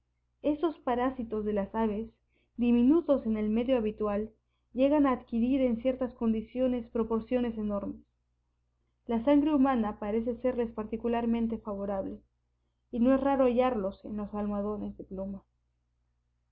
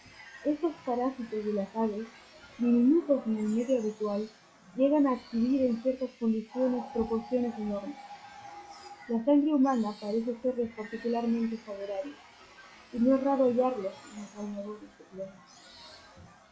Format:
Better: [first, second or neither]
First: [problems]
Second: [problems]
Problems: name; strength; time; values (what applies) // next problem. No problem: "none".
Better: first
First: none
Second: noise reduction (classical method log-MMSE)